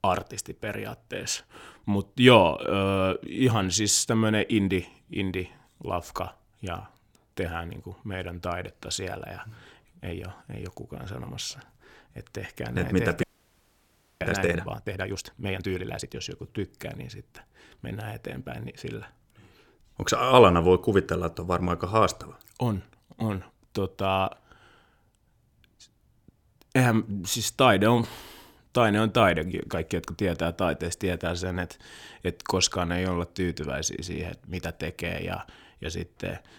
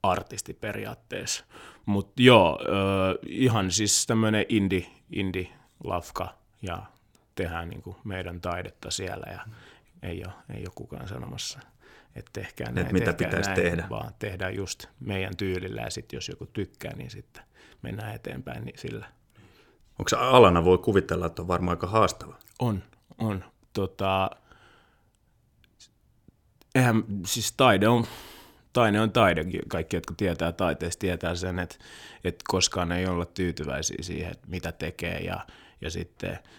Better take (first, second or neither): second